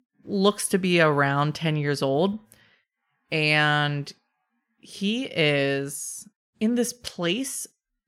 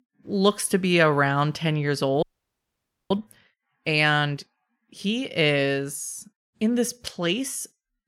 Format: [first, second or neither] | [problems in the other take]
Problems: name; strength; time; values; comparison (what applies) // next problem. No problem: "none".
first | audio freezing; at 2 s for 1 s